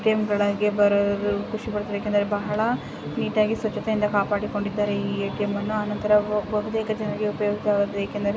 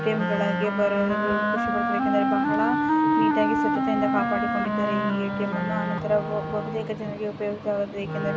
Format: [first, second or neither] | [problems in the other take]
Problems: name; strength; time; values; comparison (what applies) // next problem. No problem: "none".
first | background sound (Wind instrument, woodwind instrument); 2 dB above the speech